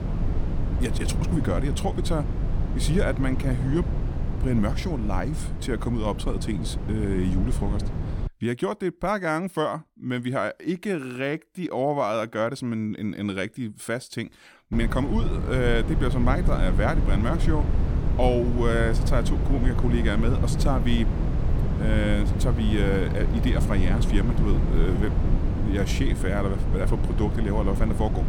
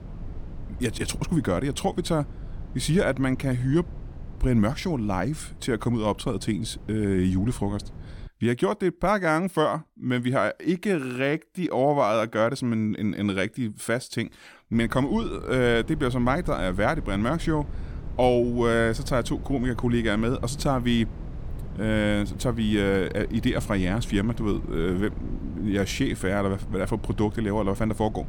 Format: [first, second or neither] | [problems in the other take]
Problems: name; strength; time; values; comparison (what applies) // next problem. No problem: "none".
second | low rumble; loud; until 8.5 s and from 15 s on; 8 dB below the speech; faint in the second